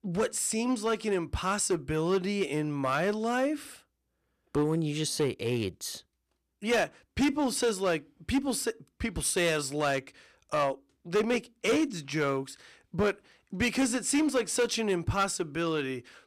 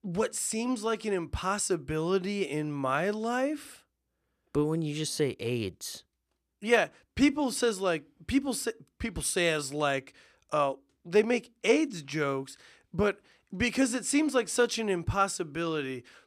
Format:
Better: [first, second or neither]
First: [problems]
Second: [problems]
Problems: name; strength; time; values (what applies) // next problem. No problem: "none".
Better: second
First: distortion; slight; 5% of the sound clipped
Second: none